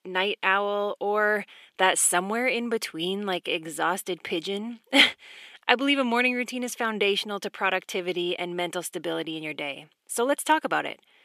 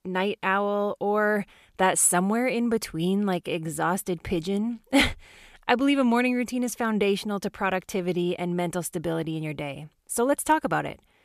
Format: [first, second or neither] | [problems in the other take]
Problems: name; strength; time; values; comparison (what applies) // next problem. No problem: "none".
second | thin; very slightly; fading below 300 Hz